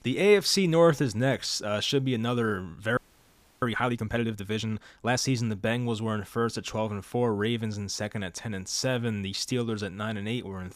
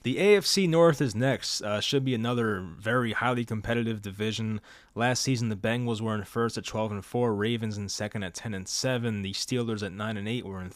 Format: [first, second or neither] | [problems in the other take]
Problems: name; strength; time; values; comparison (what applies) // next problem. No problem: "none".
second | audio freezing; at 3 s for 0.5 s